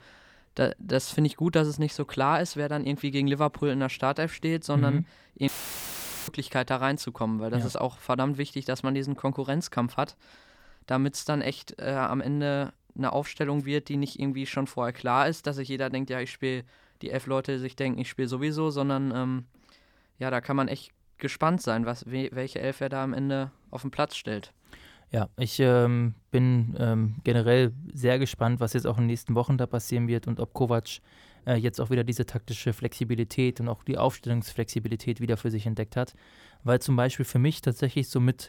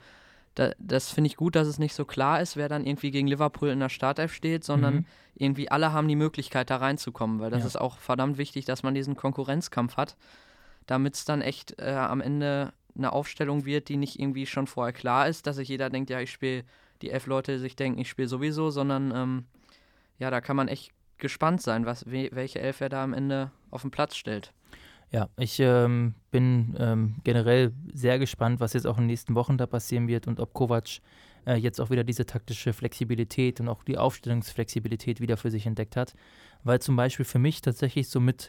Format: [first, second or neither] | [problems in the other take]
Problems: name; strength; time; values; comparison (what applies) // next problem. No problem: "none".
second | audio cutting out; filled with static; at 5.5 s for 1 s